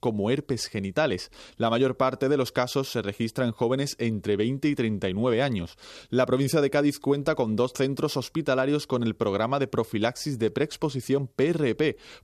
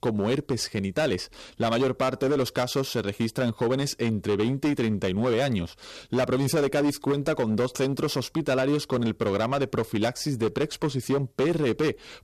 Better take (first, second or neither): first